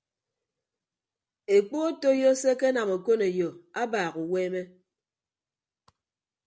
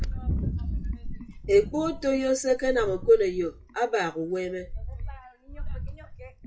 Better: first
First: none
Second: noise reduction (classical method WPE with log-MMSE)

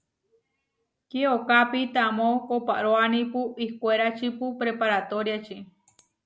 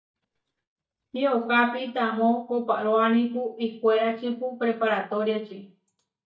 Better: first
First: none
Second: noise reduction (neural mask model DeepFilterNet 3)

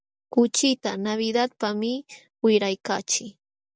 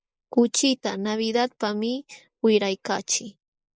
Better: first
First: none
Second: noise reduction (neural mask model Resemble Enhance denoiser)

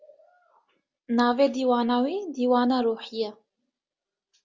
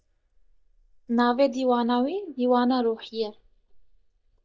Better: first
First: none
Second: noise reduction (neural mask model DeepFilterNet 3)

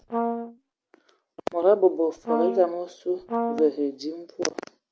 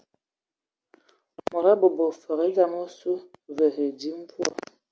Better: second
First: background sound (Brass instrument); 3 dB below the speech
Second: none

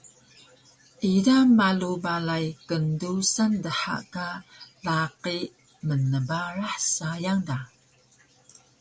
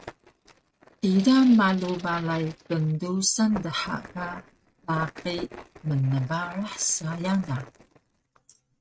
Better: first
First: none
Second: noise reduction (neural mask model RNNoise)

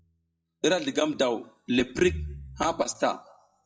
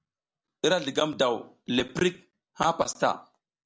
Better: second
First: noise reduction (classical method WPE with log-MMSE)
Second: none

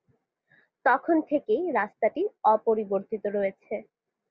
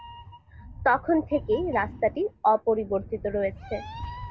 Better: first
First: none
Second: background sound (Meow); 13 dB below the speech

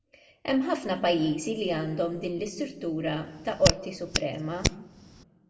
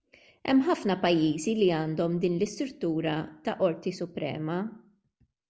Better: second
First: background sound (Hands); 2 dB below the speech // room echo; dies away in 1 s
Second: none

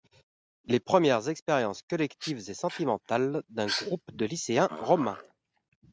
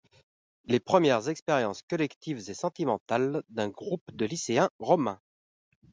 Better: second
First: background sound (Dog); 12 dB below the speech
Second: none

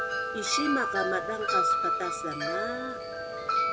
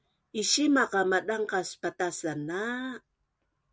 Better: second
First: background sound (Wind chime); 4 dB above the speech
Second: none

